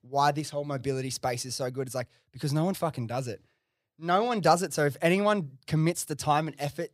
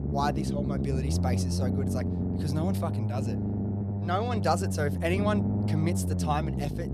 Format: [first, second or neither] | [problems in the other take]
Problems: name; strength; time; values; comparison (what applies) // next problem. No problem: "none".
first | low rumble; loud; throughout; 5 dB below the speech